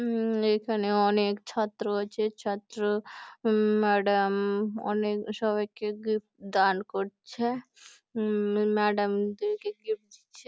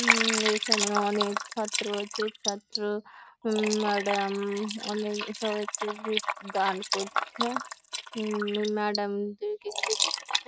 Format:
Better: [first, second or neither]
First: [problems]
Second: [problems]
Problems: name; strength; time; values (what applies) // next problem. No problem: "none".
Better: first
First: none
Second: noise reduction (neural mask model RNNoise)